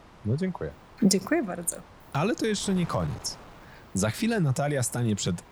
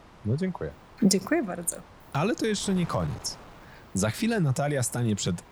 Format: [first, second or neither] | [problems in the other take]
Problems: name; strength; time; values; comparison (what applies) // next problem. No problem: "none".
neither | wind noise on the microphone; occasional gusts; 20 dB below the speech; the same in both